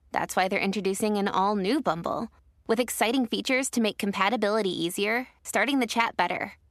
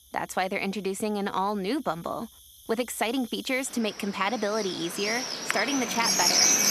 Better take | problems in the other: first | animal sounds; very loud; throughout; 4 dB above the speech

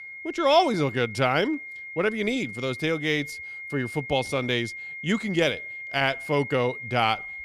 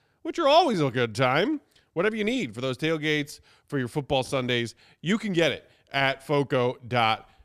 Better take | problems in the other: second | high-pitched whine; loud; throughout; 2 kHz, 10 dB below the speech

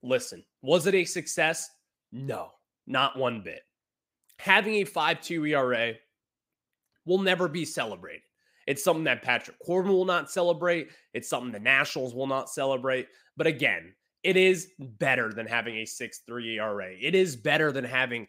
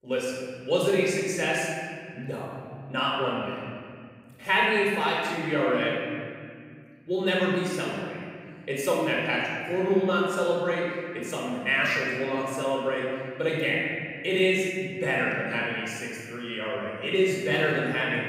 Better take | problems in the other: first | off-mic speech; far // room echo; strong; dies away in 2.2 s

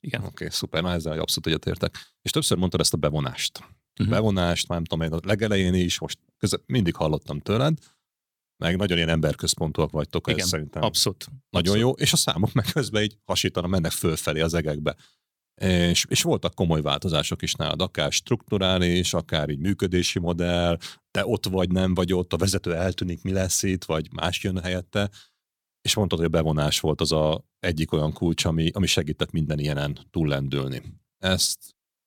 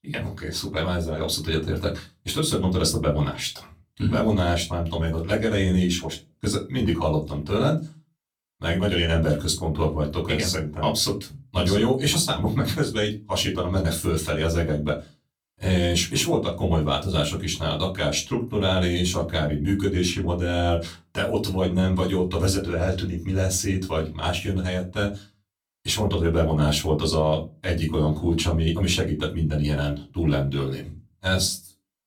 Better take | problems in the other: first | off-mic speech; far // room echo; very slight; dies away in 0.3 s

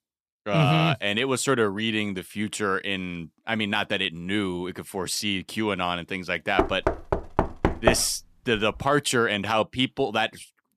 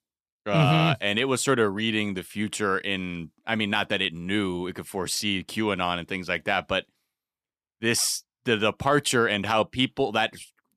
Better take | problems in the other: second | door banging; loud; from 6.5 to 8 s; peak 2 dB above the speech

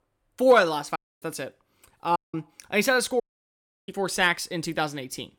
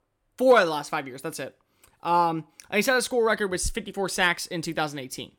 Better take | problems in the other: second | audio cutting out; at 1 s, at 2 s and at 3 s for 0.5 s

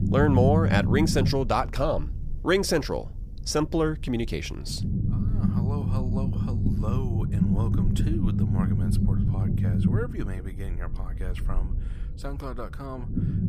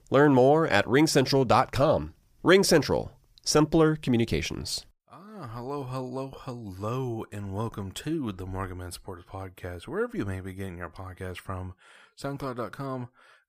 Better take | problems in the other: second | low rumble; loud; throughout; 7 dB below the speech

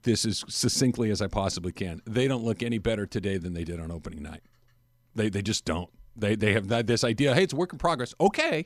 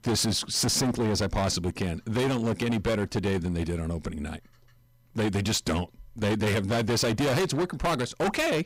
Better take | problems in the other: first | distortion; heavy; 20% of the sound clipped

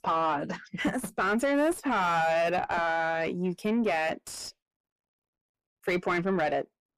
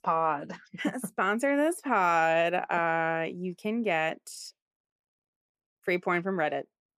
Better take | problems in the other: second | distortion; heavy; 7 dB below the speech

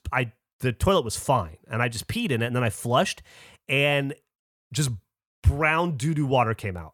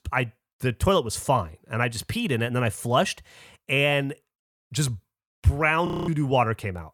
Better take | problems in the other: first | audio freezing; at 6 s

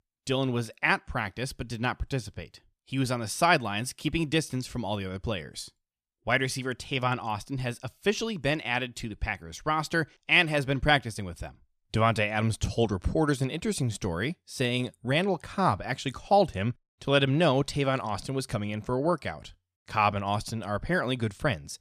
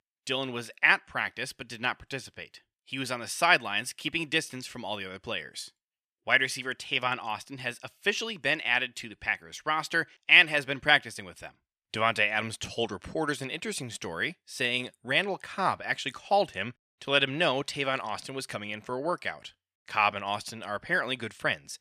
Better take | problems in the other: first | thin; somewhat; fading below 450 Hz

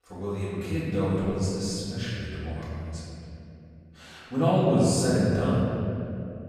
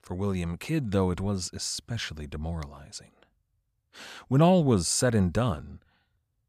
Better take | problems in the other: second | off-mic speech; far // room echo; strong; dies away in 2.7 s

